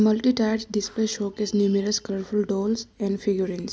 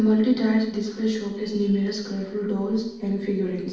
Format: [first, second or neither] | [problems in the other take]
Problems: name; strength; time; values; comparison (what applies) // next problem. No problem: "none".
first | noise reduction (neural separator model SepFormer DNS4)